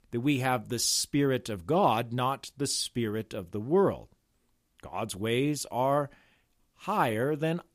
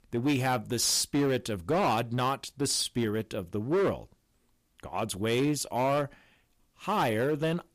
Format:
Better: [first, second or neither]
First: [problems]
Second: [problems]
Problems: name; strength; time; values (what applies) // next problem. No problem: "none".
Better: first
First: none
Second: distortion; slight; 9% of the sound clipped